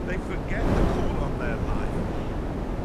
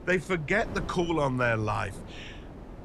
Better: second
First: wind noise on the microphone; heavy; 4 dB above the speech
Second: wind noise on the microphone; occasional gusts; 20 dB below the speech

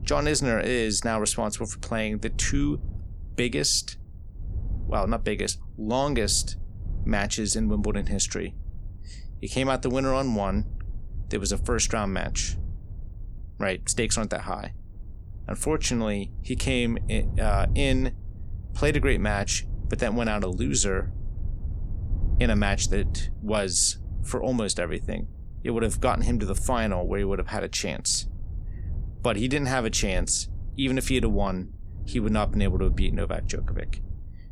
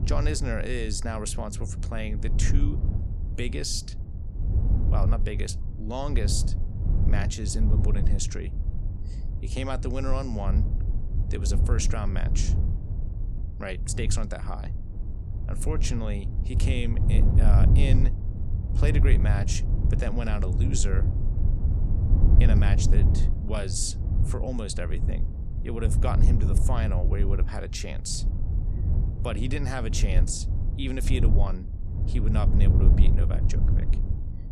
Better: first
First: low rumble; faint; throughout; 20 dB below the speech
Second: low rumble; loud; throughout; 6 dB below the speech

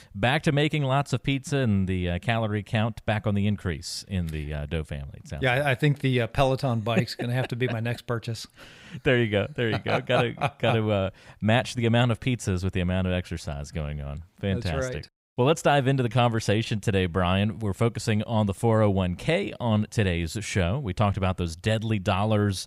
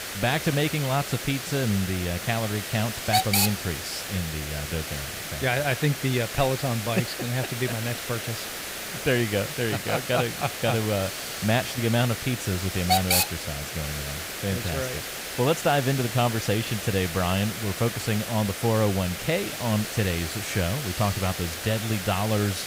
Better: first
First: none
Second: hiss; loud; throughout; 3 dB below the speech

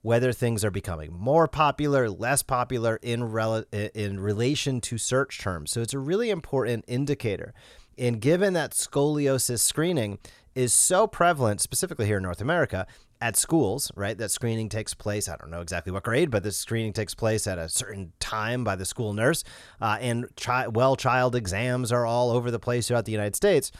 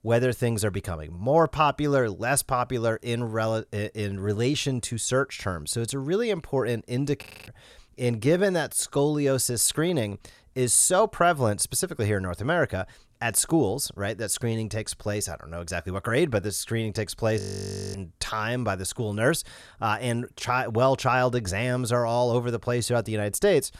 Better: first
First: none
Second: audio freezing; at 7 s and at 17 s for 0.5 s

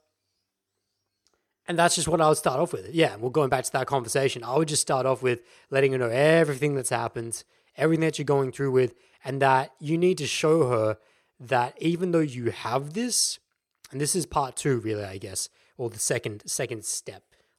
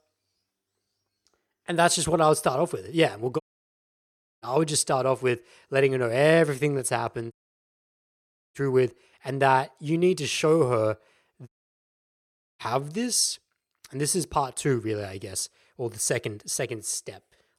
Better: first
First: none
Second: audio cutting out; at 3.5 s for 1 s, at 7.5 s for 1 s and at 11 s for 1 s

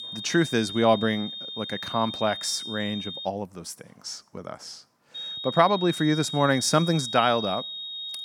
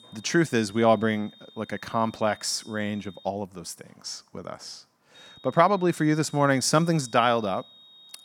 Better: second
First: high-pitched whine; loud; until 3.5 s and from 5 s on; 4 kHz, 8 dB below the speech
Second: high-pitched whine; faint; until 3.5 s and from 5 s on; 4 kHz, 25 dB below the speech

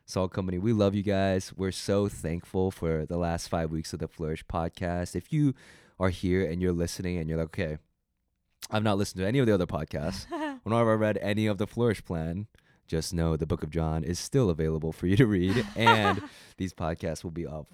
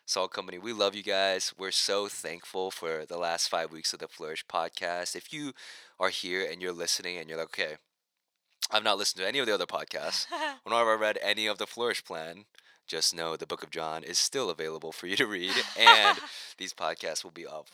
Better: first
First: none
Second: thin; very; fading below 700 Hz

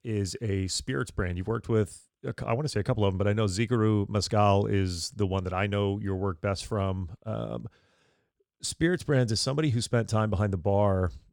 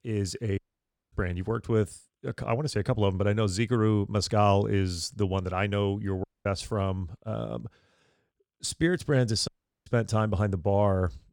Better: first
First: none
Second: audio cutting out; at 0.5 s for 0.5 s, at 6 s and at 9.5 s

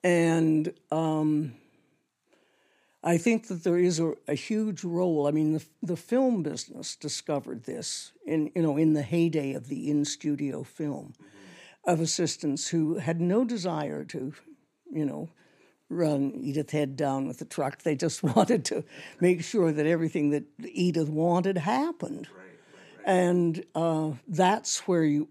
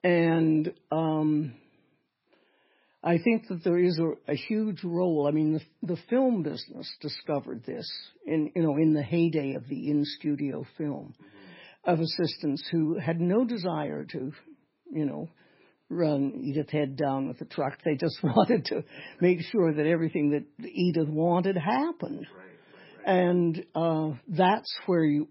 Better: first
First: none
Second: garbled, watery; badly; nothing above 5.5 kHz

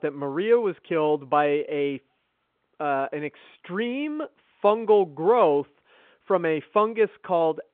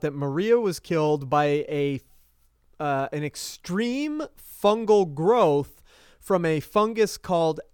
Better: second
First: phone-call audio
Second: none

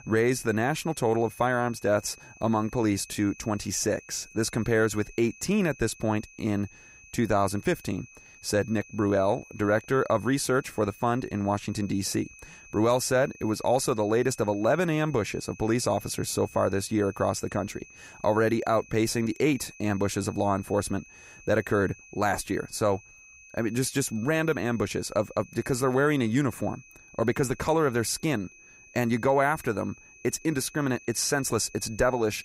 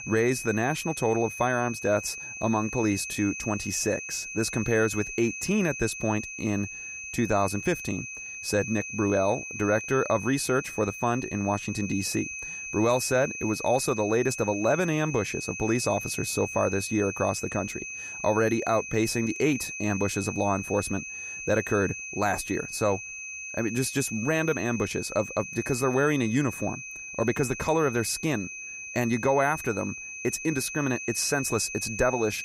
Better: first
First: high-pitched whine; faint; throughout; 2.5 kHz, 20 dB below the speech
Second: high-pitched whine; loud; throughout; 2.5 kHz, 8 dB below the speech

